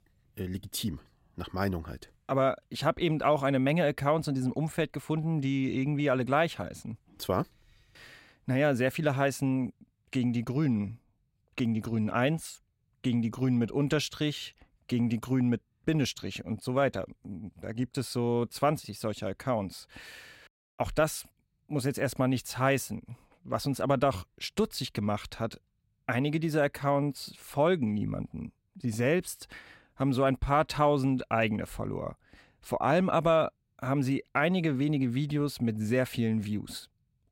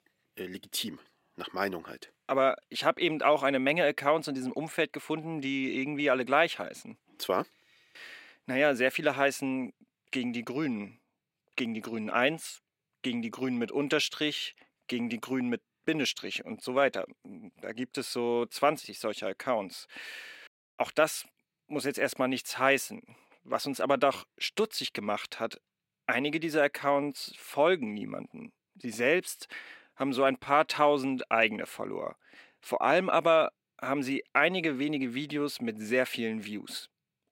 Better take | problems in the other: first | thin; very slightly; fading below 350 Hz

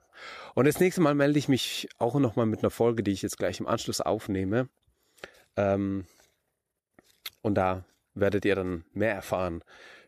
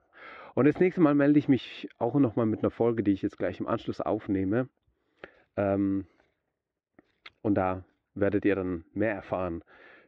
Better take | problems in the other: first | muffled; very; fading above 2.5 kHz

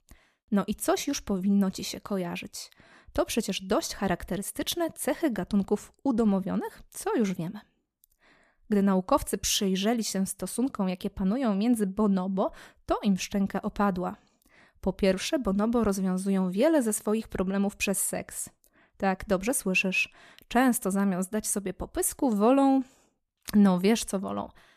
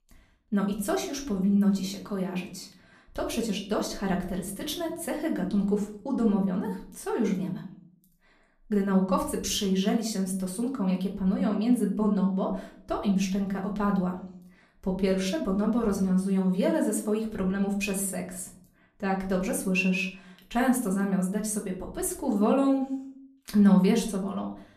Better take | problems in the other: first | room echo; slight; dies away in 0.5 s // off-mic speech; far

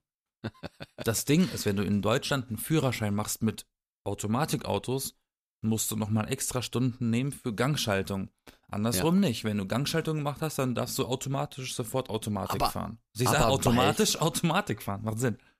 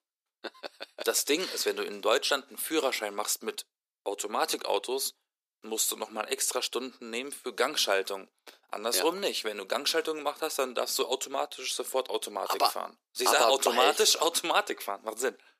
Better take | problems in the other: first | thin; very; fading below 350 Hz

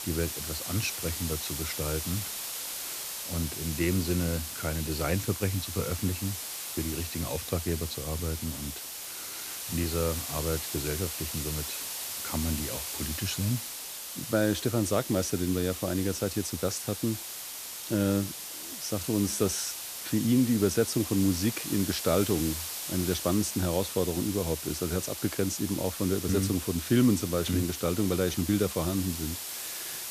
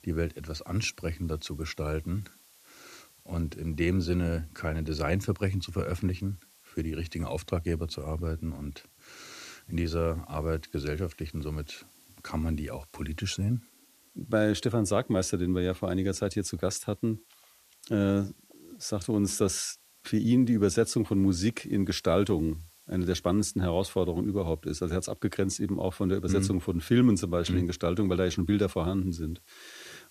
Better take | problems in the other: second | hiss; loud; throughout; 5 dB below the speech; faint in the second

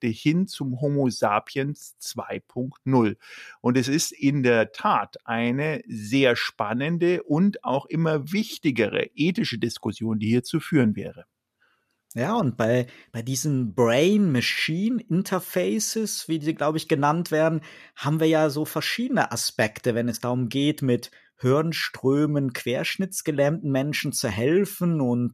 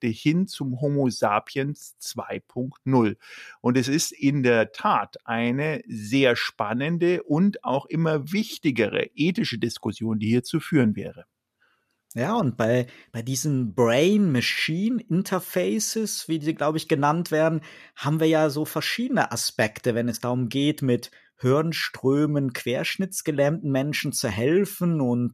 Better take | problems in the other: neither | none

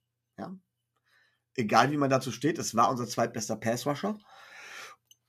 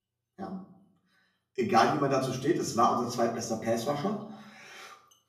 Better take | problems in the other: first | off-mic speech; far // room echo; slight; dies away in 0.6 s

